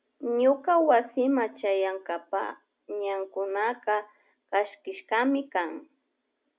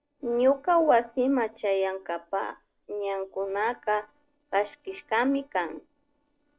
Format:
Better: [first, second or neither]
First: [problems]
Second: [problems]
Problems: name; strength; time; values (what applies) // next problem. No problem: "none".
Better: first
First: none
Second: noise reduction (neural separator model SepFormer DNS4)